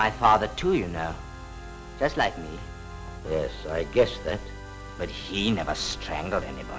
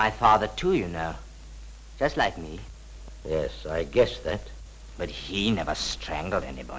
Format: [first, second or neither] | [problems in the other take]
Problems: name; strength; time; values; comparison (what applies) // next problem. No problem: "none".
second | background sound (Organ); 14 dB below the speech